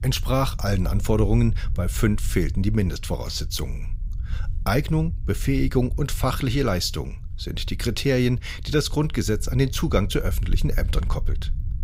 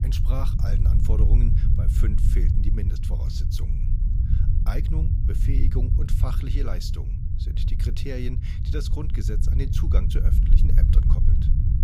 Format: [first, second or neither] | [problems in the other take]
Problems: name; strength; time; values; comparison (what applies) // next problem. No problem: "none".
first | low rumble; loud; throughout; 1 dB below the speech; faint in the first